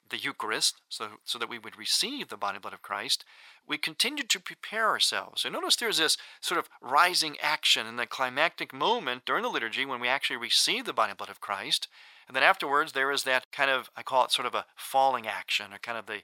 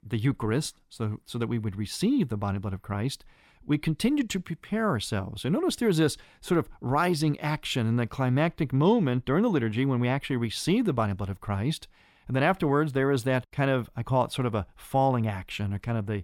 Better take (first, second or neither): second